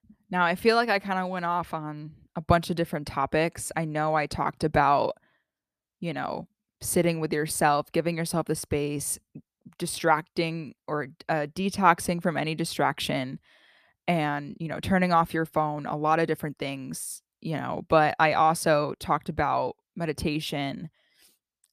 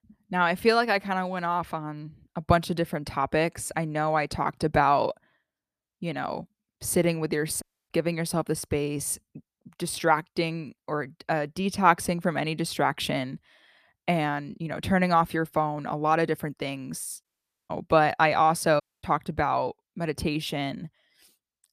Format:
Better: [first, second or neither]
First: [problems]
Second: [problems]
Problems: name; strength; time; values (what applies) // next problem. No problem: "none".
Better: first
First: none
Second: audio cutting out; at 7.5 s, at 17 s and at 19 s